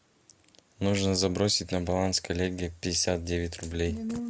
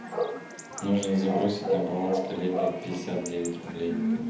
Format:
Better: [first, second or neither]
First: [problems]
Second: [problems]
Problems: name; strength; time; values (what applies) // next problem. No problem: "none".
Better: first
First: none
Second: background sound (Bark / Chatter / Chirp, tweet / Livestock, farm animals, working animals); 3 dB below the speech // room echo; dies away in 1 s